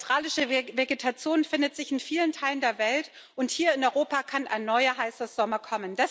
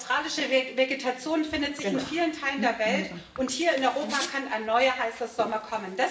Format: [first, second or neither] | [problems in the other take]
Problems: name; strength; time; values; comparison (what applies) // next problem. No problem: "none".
first | background sound (Bicycle); 11 dB below the speech // room echo; dies away in 1 s